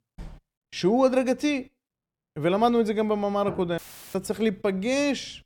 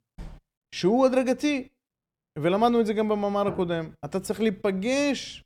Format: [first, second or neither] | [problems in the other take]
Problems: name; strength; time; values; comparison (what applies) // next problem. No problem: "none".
second | audio cutting out; filled with static; at 4 s